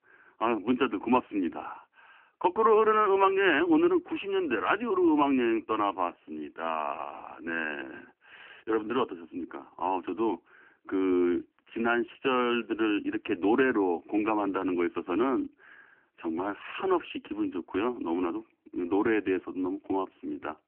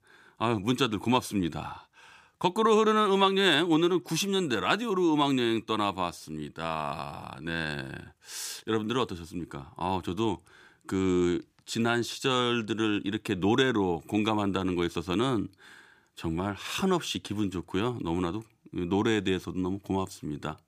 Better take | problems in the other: second | phone-call audio; poor line; nothing above 3 kHz

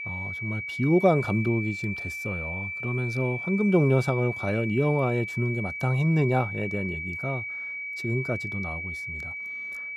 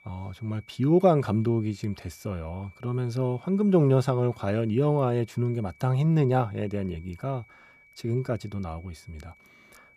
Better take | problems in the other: second | high-pitched whine; loud; throughout; 2.5 kHz, 6 dB below the speech; faint in the second

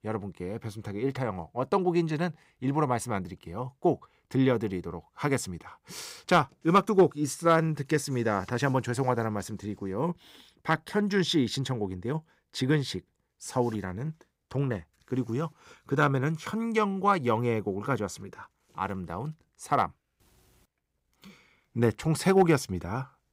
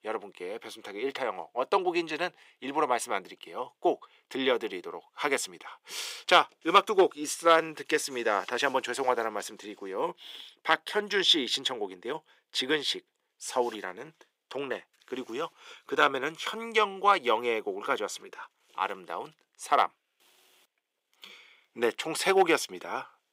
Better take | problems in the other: first | thin; very; fading below 400 Hz

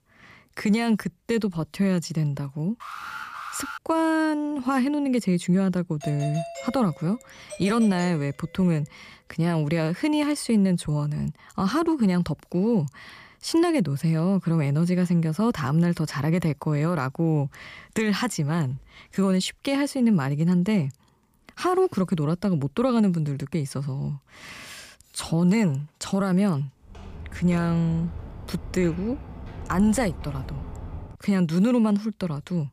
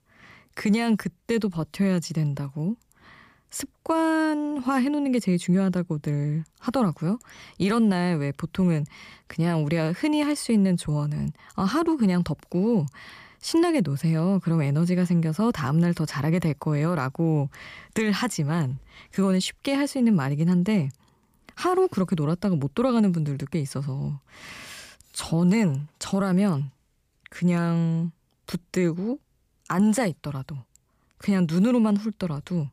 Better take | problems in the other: second | alarm; noticeable; at 3 s; peak 10 dB below the speech // doorbell; noticeable; from 6 to 8 s; peak 9 dB below the speech // footsteps; faint; from 27 to 31 s; peak 10 dB below the speech

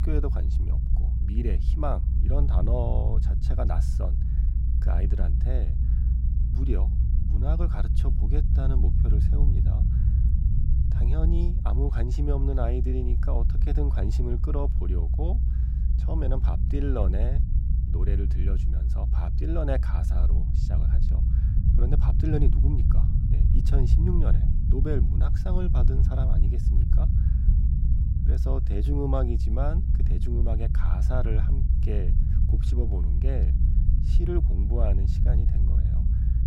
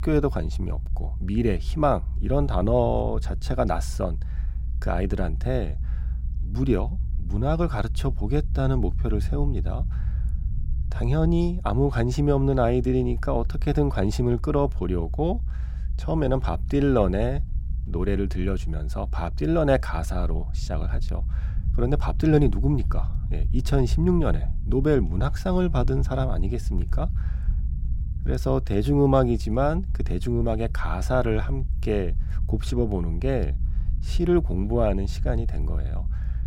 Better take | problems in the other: second | low rumble; loud; throughout; 5 dB below the speech; faint in the second

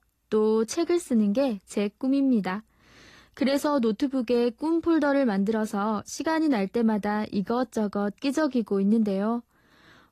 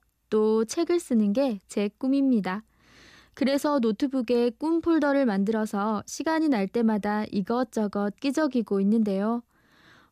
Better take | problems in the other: second | garbled, watery; slightly; nothing above 15 kHz

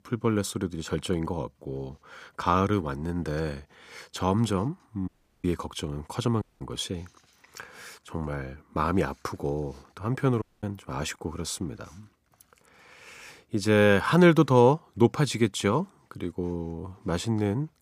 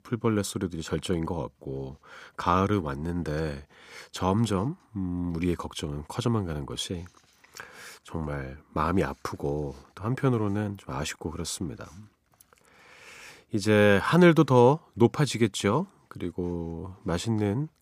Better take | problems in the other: second | audio cutting out; at 5 s, at 6.5 s and at 10 s

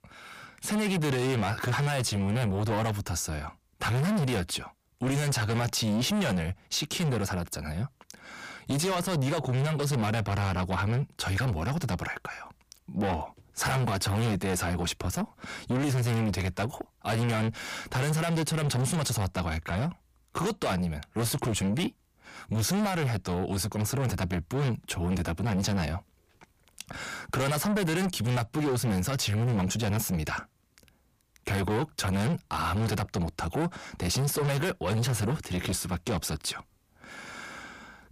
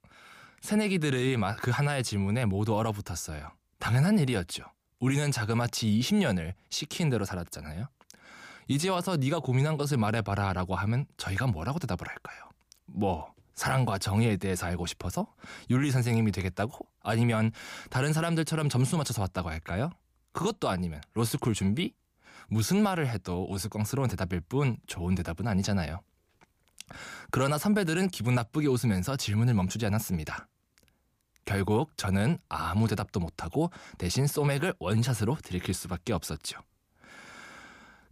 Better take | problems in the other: second | distortion; heavy; 7 dB below the speech

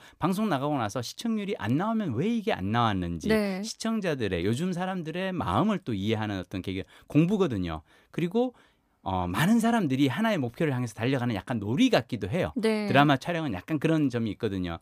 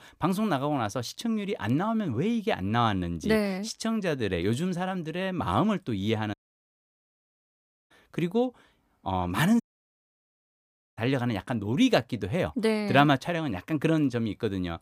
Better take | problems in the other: first | audio cutting out; at 6.5 s for 1.5 s and at 9.5 s for 1.5 s

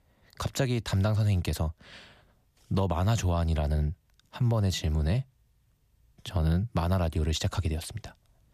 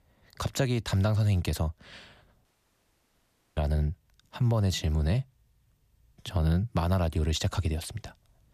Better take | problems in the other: first | audio cutting out; at 2.5 s for 1 s

